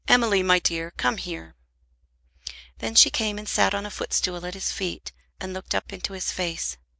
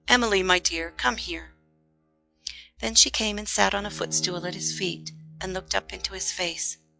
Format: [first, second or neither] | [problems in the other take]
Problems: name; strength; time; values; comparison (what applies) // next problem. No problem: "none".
first | noise reduction (classical method log-MMSE)